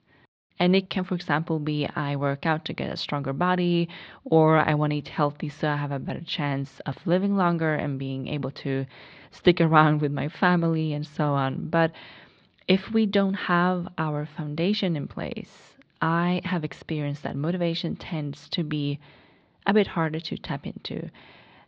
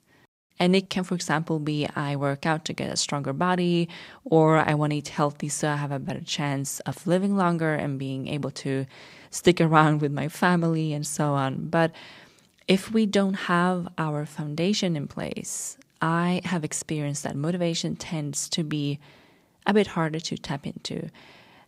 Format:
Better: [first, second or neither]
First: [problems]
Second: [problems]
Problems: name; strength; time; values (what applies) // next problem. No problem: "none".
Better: second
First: muffled; slightly; fading above 4 kHz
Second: none